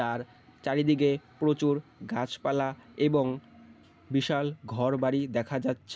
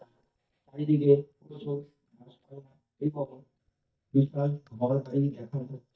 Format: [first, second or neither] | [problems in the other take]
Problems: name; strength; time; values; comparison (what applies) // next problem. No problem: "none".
first | noise reduction (neural mask model DeepFilterNet 3)